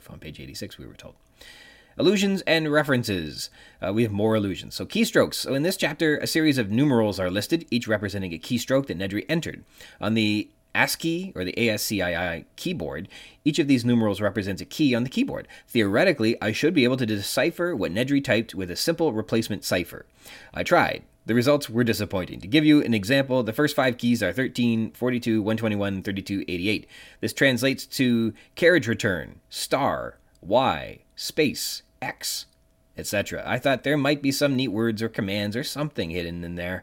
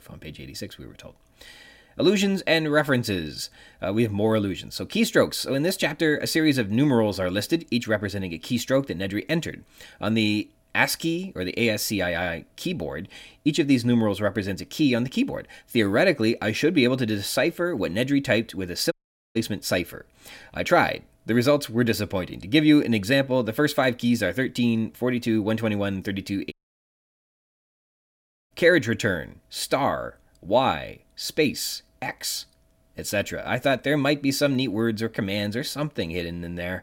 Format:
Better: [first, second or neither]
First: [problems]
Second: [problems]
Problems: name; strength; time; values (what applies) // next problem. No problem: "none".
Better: first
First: none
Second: audio cutting out; at 19 s and at 27 s for 2 s